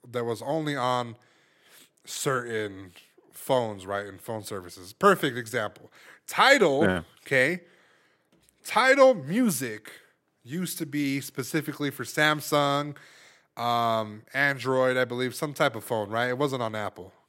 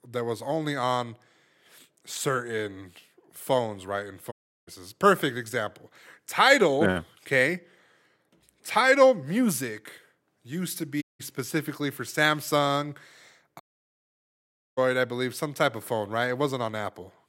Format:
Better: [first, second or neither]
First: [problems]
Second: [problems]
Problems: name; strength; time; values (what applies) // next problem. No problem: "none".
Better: first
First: none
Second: audio cutting out; at 4.5 s, at 11 s and at 14 s for 1 s